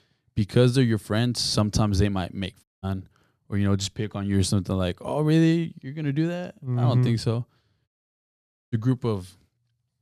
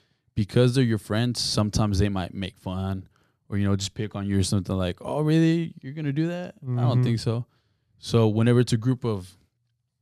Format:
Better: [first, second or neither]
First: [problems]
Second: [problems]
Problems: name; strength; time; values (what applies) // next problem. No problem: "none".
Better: second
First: audio cutting out; at 2.5 s and at 8 s for 1 s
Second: none